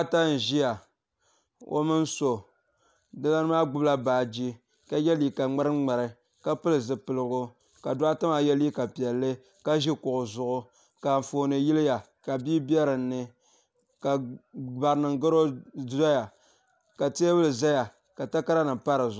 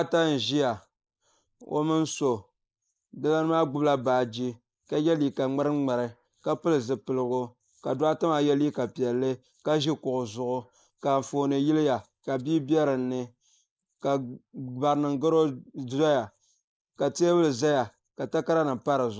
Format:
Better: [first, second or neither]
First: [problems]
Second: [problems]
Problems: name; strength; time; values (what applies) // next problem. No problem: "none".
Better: first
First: none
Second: noise reduction (neural mask model Resemble Enhance denoiser)